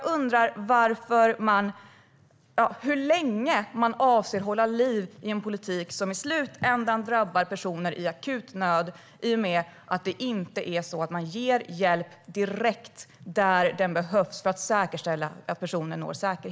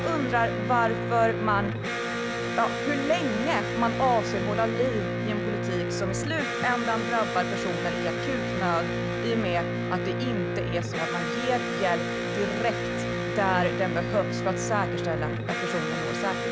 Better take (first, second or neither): first